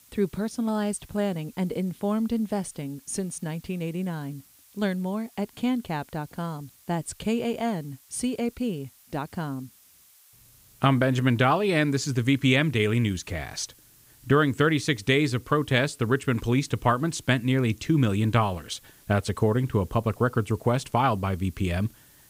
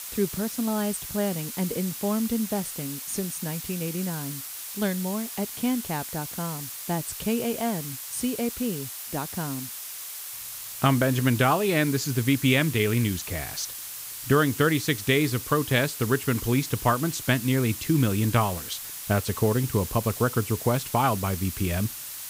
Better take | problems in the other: first | hiss; loud; throughout; 8 dB below the speech; faint in the first

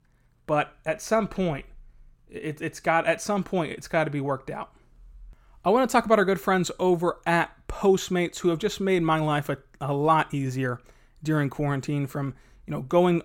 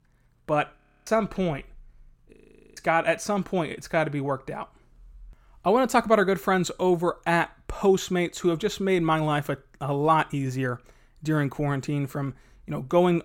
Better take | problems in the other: first | audio freezing; at 1 s and at 2.5 s

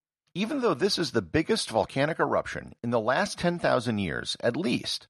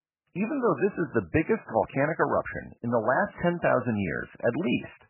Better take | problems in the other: first | garbled, watery; badly; nothing above 2.5 kHz

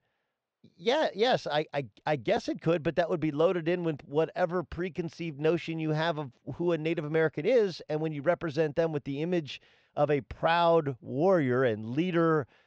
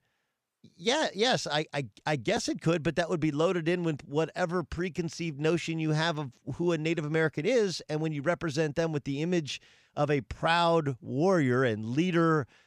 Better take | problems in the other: second | muffled; slightly; fading above 4.5 kHz

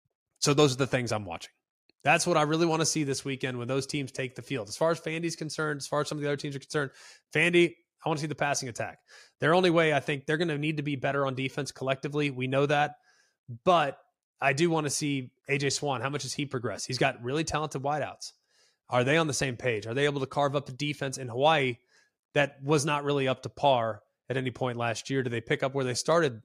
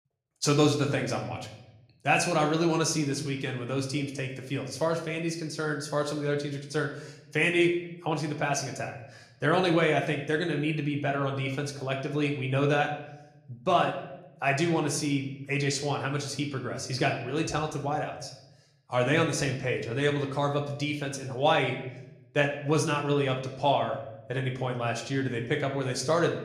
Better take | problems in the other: first | room echo; slight; dies away in 0.7 s

